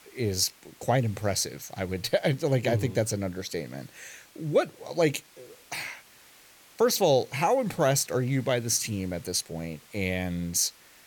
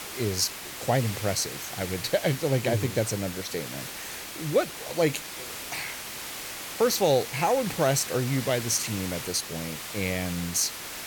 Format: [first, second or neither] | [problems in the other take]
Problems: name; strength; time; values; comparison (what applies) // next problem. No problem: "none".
first | hiss; loud; throughout; 8 dB below the speech; faint in the first